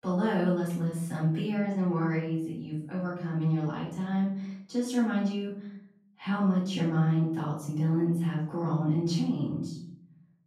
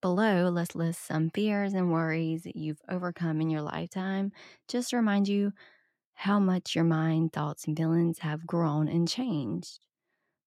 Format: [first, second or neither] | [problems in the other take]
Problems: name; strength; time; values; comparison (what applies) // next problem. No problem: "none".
second | off-mic speech; far // room echo; noticeable; dies away in 0.7 s